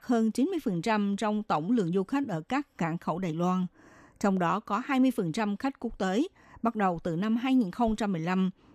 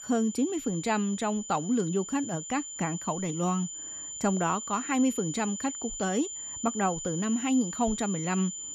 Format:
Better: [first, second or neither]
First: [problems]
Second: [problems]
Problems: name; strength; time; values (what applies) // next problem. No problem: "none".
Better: first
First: none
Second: high-pitched whine; loud; throughout; 7 kHz, 7 dB below the speech